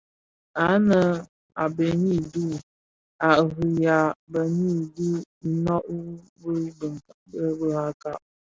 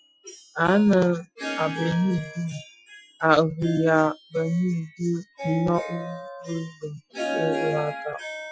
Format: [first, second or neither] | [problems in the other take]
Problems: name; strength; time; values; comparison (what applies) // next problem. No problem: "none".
first | noise reduction (classical method Wiener filter)